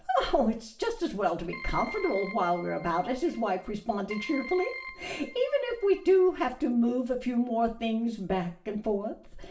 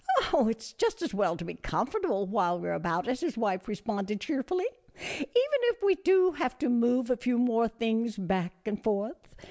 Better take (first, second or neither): second